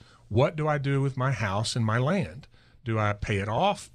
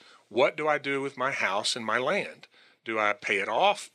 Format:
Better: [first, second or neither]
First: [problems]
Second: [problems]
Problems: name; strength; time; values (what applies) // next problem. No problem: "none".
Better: first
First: none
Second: thin; very; fading below 300 Hz